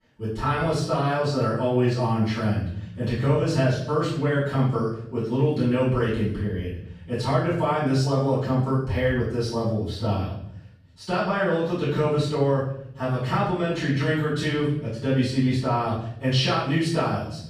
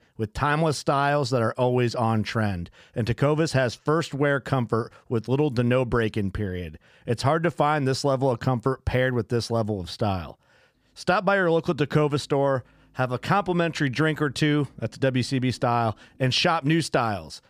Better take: second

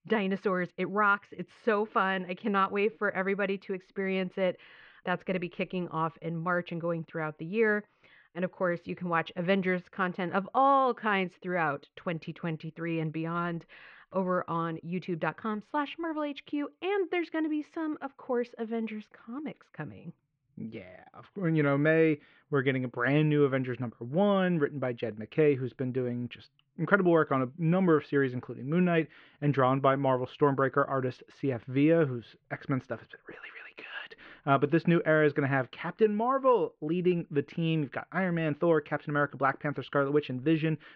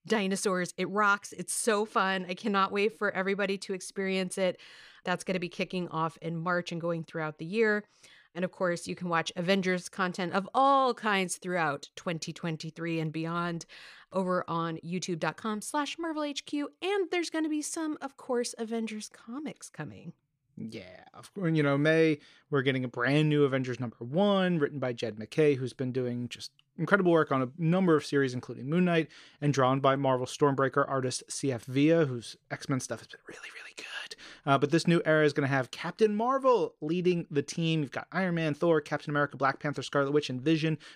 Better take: second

